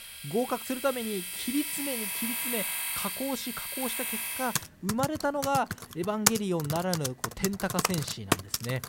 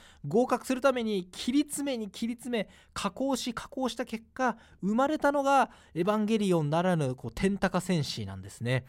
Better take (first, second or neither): second